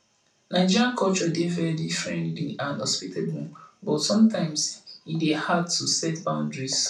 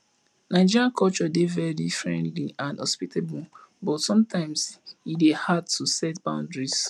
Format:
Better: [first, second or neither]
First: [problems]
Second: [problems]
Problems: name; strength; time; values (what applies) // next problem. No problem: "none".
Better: second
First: room echo; dies away in 0.3 s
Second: none